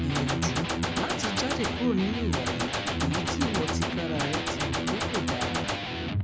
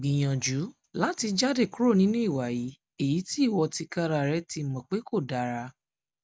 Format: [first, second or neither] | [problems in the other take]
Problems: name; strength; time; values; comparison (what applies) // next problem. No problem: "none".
second | background sound (Electric guitar + Gunshot, gunfire); 4 dB above the speech